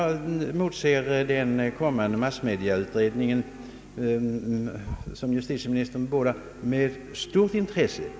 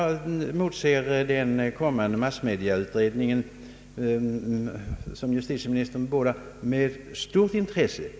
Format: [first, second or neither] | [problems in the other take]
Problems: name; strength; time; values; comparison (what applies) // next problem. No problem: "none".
second | background sound (Livestock, farm animals, working animals); 20 dB below the speech